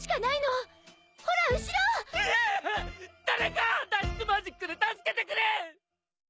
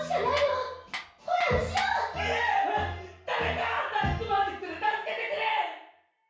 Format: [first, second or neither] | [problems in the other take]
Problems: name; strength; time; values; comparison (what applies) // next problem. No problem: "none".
first | background sound (Tools); 11 dB below the speech // room echo; dies away in 0.6 s